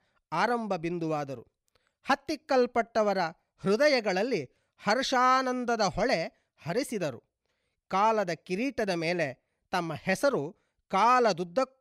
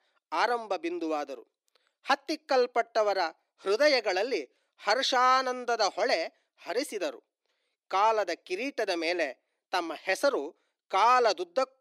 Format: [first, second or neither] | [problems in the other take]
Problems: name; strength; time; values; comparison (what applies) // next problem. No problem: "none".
first | thin; somewhat; fading below 300 Hz